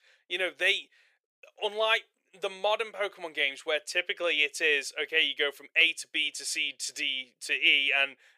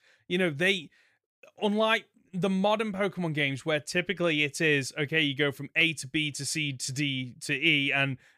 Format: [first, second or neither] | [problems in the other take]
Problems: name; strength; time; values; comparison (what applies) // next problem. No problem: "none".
second | thin; very; fading below 450 Hz